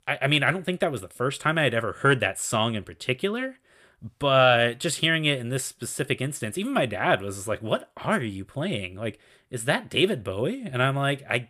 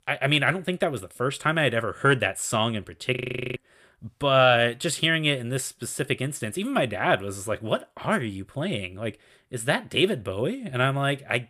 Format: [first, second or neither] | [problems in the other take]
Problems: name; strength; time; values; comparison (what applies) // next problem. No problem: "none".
first | audio freezing; at 3 s